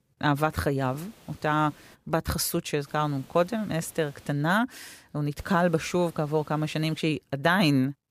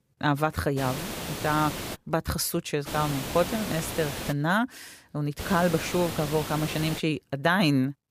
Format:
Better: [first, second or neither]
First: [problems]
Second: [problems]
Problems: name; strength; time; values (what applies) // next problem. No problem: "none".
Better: first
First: hiss; faint; from 1 to 2 s, from 3 to 4.5 s and from 5.5 to 7 s; 25 dB below the speech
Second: hiss; loud; from 1 to 2 s, from 3 to 4.5 s and from 5.5 to 7 s; 7 dB below the speech